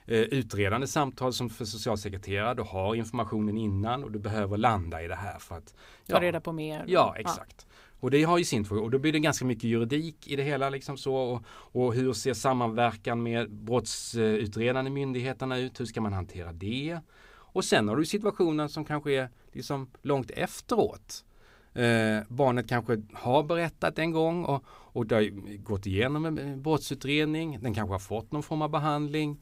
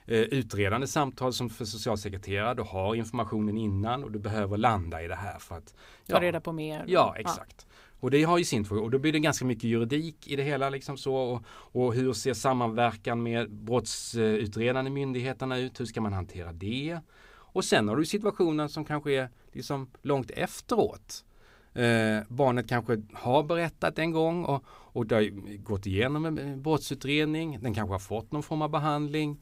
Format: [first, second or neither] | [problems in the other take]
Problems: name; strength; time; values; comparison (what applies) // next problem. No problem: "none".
neither | none